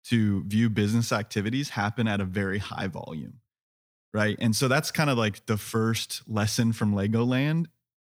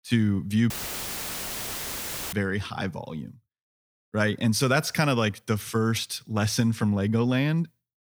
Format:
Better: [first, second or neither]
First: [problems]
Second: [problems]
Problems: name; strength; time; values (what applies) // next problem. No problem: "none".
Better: first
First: none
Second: audio cutting out; filled with static; at 0.5 s for 1.5 s